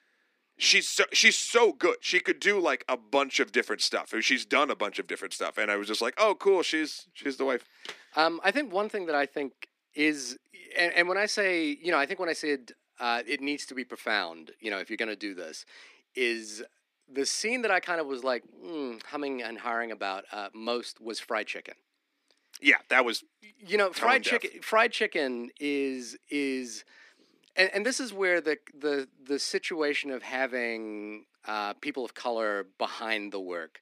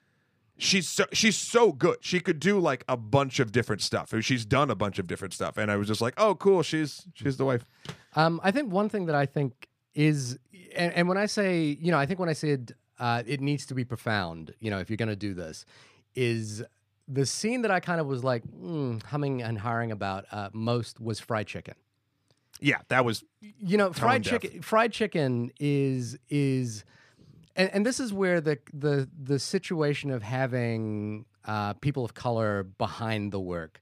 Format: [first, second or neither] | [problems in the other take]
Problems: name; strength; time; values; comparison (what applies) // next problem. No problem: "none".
second | thin; somewhat; fading below 250 Hz